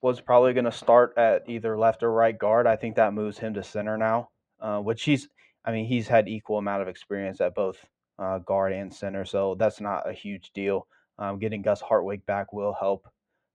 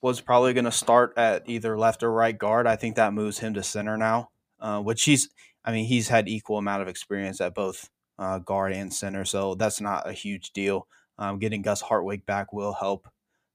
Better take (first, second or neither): second